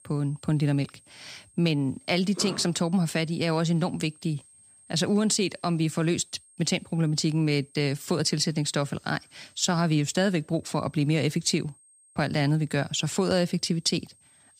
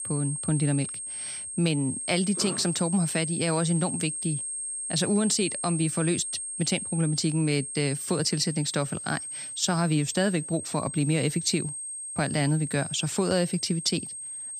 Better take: first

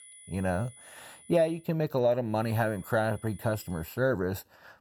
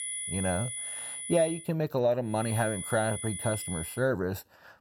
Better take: first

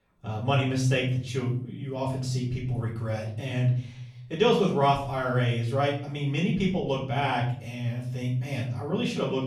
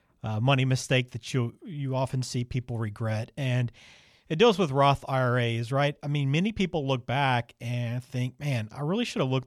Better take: second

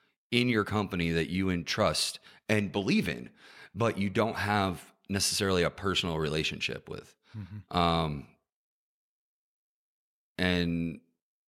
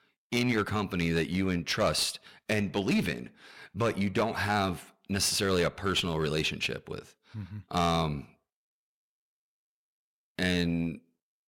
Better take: first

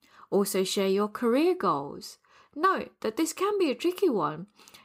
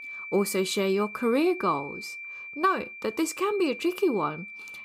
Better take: first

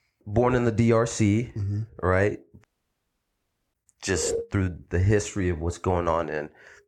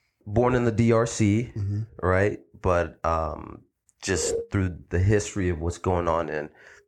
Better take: second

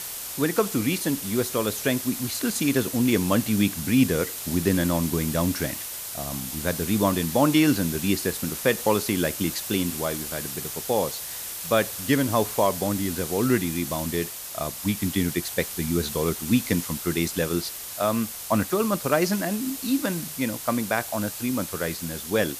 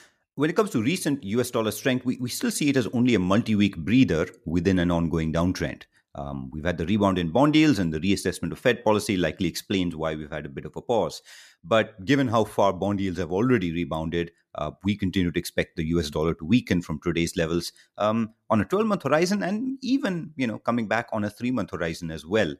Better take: second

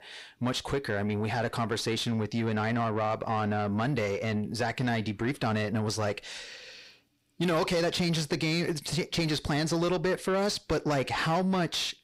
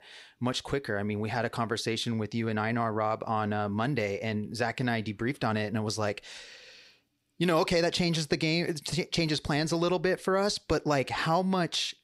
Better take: second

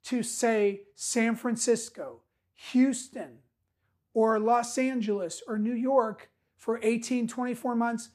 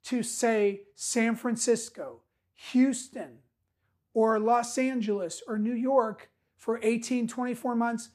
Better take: neither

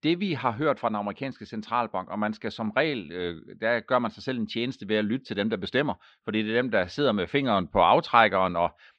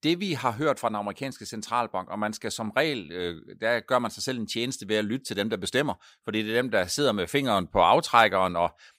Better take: second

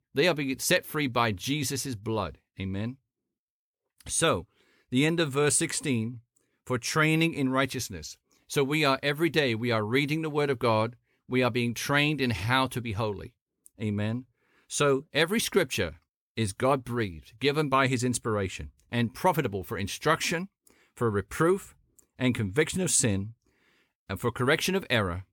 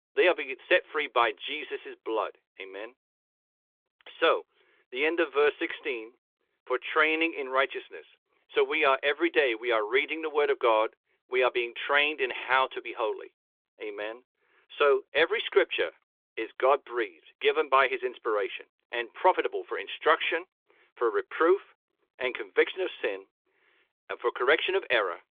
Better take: first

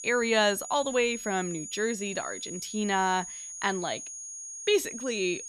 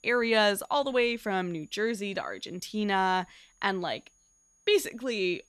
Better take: second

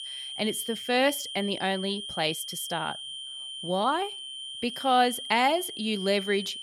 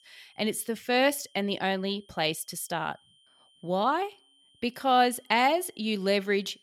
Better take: second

